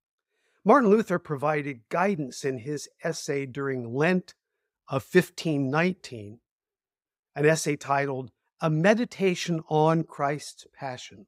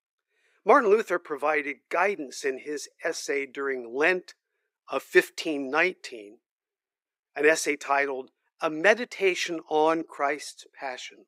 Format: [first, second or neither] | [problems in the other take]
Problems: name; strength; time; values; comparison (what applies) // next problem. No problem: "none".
first | thin; somewhat; fading below 350 Hz